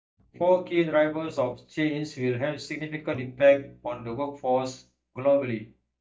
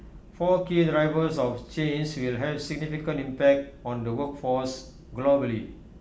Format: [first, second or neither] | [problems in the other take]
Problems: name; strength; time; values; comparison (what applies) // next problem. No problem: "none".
second | noise reduction (neural mask model DeepFilterNet 3)